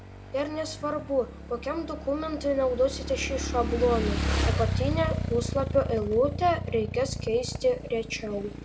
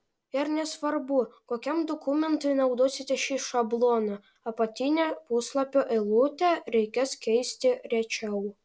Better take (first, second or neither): second